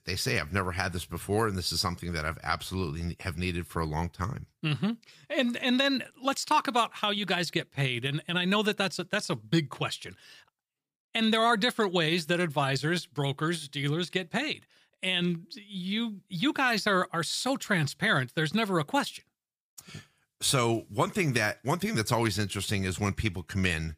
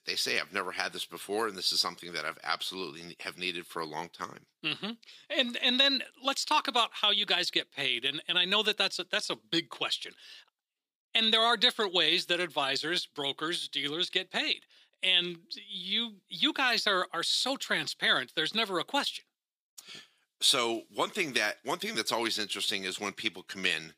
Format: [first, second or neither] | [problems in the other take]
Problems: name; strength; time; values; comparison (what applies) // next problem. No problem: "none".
first | thin; somewhat; fading below 250 Hz